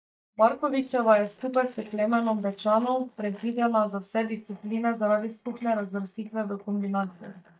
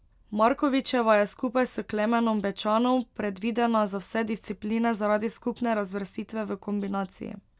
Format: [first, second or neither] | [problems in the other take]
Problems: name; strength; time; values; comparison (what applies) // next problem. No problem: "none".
second | noise reduction (neural mask model DeepFilterNet 3)